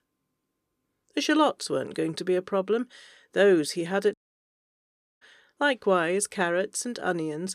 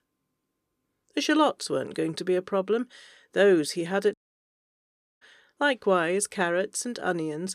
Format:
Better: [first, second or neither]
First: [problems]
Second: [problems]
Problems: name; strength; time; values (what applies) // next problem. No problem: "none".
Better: neither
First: audio cutting out; at 4 s for 1 s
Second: audio cutting out; at 4 s for 1 s